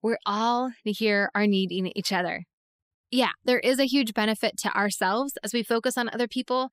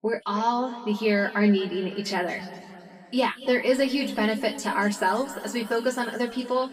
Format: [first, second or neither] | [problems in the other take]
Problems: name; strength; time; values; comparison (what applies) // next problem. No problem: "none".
first | room echo; noticeable; dies away in 2.2 s // off-mic speech; far